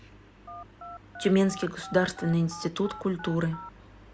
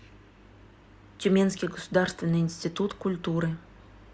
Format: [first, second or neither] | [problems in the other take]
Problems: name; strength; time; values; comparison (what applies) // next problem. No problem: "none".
second | background sound (Telephone); 16 dB below the speech